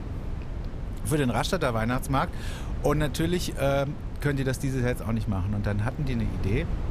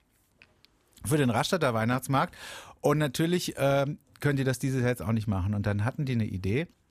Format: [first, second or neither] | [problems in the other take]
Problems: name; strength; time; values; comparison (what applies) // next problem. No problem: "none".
second | wind noise on the microphone; occasional gusts; 15 dB below the speech